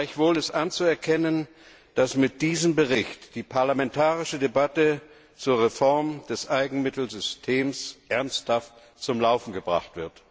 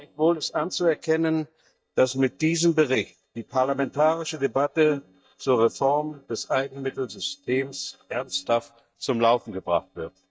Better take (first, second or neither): first